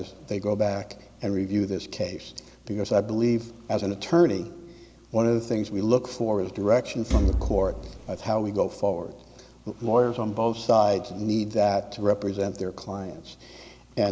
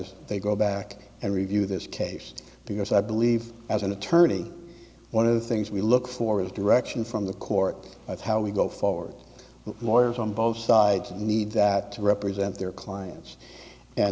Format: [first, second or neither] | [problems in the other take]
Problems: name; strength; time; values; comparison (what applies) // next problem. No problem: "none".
second | background sound (Thump, thud); as loud as the speech